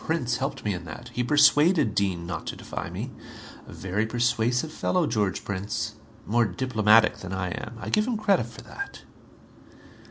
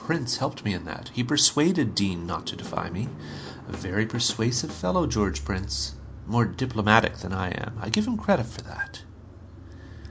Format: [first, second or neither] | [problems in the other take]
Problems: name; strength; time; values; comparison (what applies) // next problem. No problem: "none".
first | background sound (Drum / Drum kit + Car); 13 dB below the speech